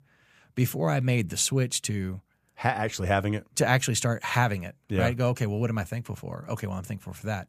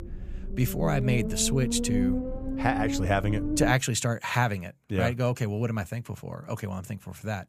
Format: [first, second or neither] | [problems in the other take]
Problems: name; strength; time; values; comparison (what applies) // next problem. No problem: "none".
first | low rumble; loud; until 3.5 s; 6 dB below the speech